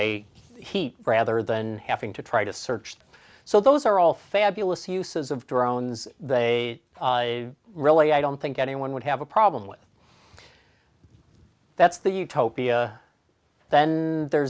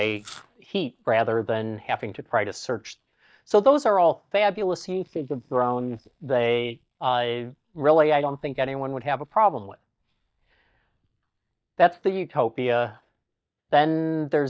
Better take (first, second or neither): first